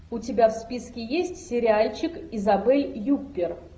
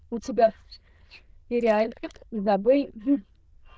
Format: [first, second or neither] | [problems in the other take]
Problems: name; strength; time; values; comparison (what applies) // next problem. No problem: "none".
first | noise reduction (neural diffusion model UNIVERSE++)